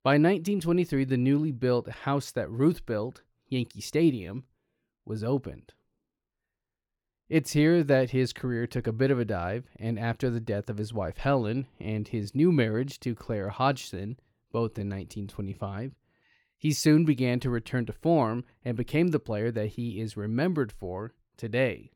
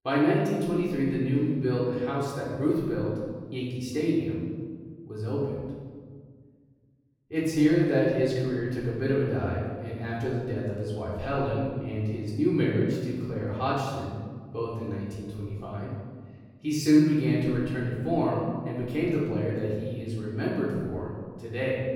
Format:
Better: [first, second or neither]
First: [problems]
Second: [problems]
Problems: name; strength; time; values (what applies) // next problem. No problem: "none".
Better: first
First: none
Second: room echo; noticeable; dies away in 1.4 s // off-mic speech; far